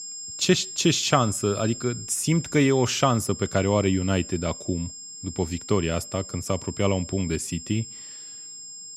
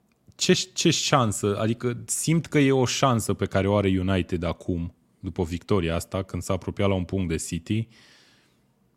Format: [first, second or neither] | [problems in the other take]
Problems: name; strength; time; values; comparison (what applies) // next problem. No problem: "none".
second | high-pitched whine; noticeable; throughout; 7.5 kHz, 10 dB below the speech